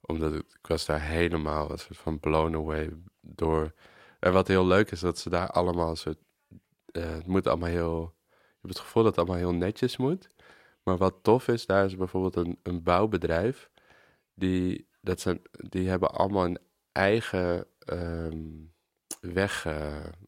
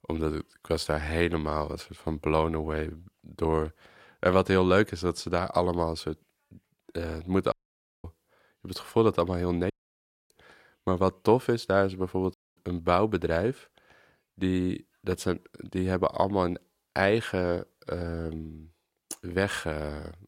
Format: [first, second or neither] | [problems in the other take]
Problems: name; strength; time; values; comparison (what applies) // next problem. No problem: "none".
first | audio cutting out; at 7.5 s for 0.5 s, at 9.5 s for 0.5 s and at 12 s